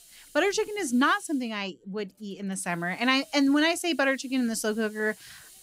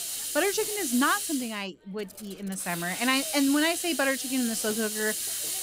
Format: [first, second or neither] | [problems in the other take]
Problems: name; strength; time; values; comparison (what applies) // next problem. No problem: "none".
first | hiss; loud; throughout; 3 dB below the speech; faint in the first